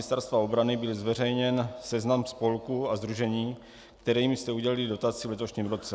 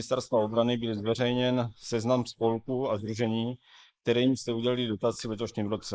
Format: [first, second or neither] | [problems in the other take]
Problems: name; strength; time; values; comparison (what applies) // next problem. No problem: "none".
first | noise reduction (neural mask model Resemble Enhance denoiser)